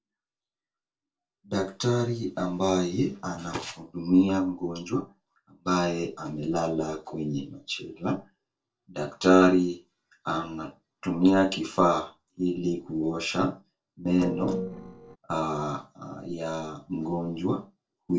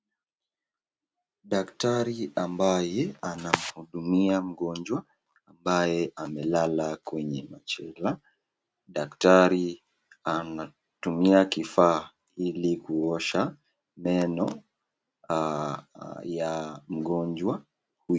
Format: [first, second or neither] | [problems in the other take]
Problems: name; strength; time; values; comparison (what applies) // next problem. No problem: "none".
second | noise reduction (neural separator model SepFormer DNS4)